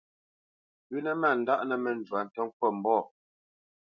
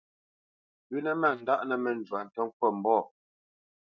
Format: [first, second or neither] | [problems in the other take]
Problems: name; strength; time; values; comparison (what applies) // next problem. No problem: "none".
first | noise reduction (neural mask model DeepFilterNet 3)